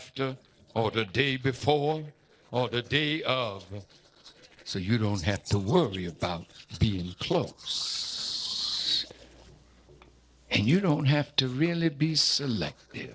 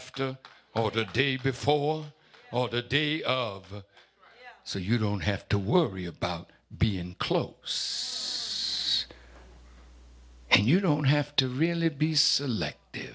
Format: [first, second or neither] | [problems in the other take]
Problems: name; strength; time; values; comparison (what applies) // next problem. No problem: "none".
second | noise reduction (neural separator model SepFormer DNS4)